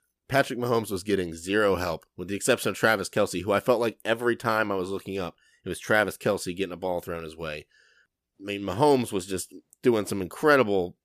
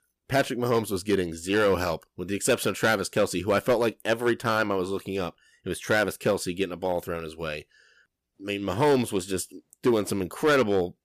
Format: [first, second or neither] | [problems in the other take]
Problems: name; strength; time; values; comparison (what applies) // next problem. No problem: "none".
first | distortion; slight; 3% of the sound clipped